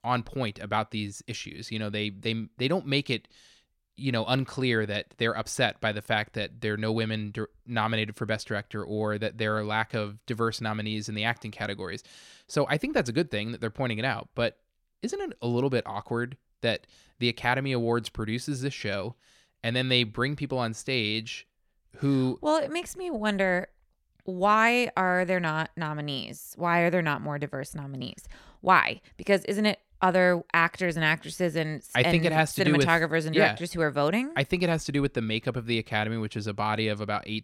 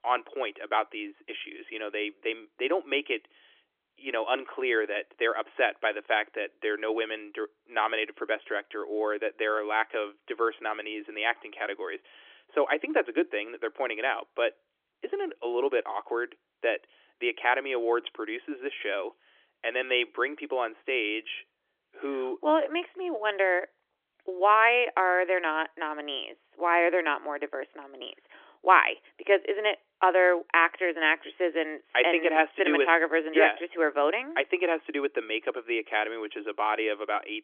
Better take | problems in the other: first | phone-call audio; nothing above 3.5 kHz

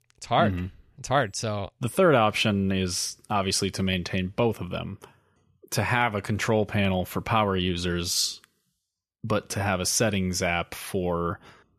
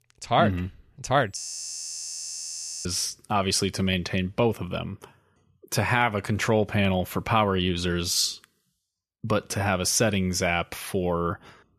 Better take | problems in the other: first | audio freezing; at 1.5 s for 1.5 s

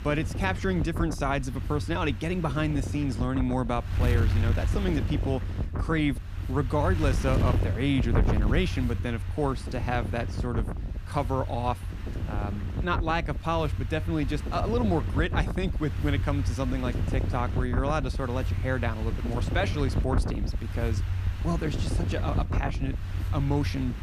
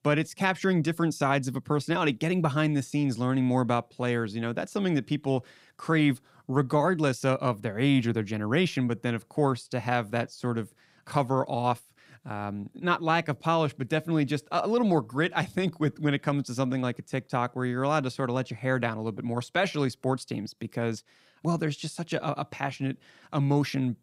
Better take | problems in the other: second | wind noise on the microphone; heavy; 9 dB below the speech

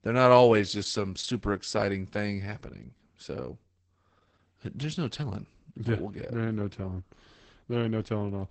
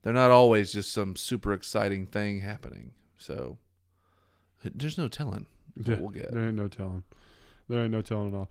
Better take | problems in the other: second | garbled, watery; badly; nothing above 8 kHz; slightly in the second

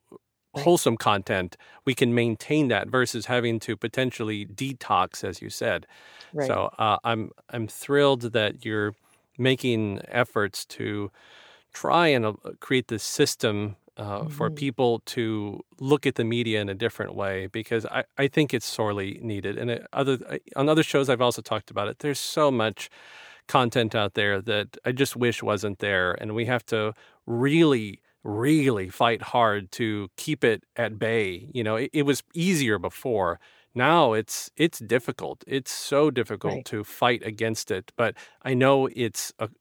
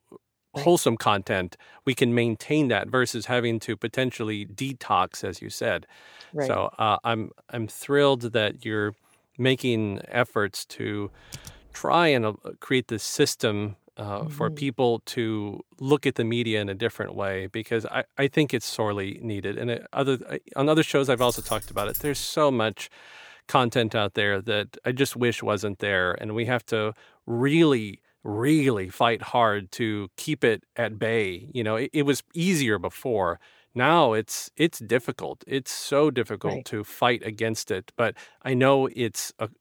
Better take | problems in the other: first | keyboard typing; faint; at 11 s; peak 15 dB below the speech // jangling keys; noticeable; from 21 to 22 s; peak 8 dB below the speech

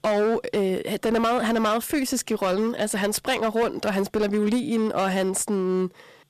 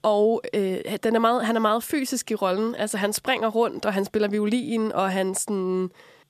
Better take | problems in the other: second | distortion; slight; 16% of the sound clipped

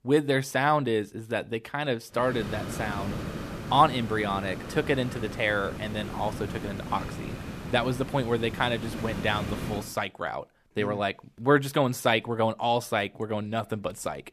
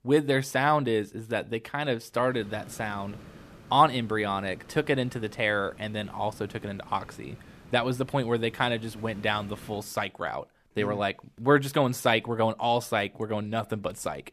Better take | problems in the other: second | hiss; loud; from 2 to 10 s; 9 dB below the speech; faint in the second

